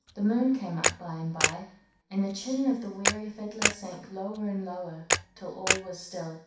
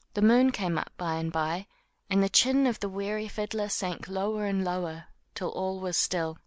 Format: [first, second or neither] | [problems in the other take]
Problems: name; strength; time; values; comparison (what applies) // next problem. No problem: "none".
second | background sound (Camera); as loud as the speech // room echo; dies away in 0.6 s